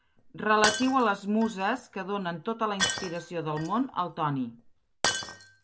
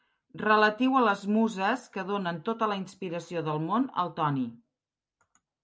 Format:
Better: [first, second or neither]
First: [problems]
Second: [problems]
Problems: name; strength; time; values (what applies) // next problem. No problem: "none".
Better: second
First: background sound (Shatter); 7 dB below the speech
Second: none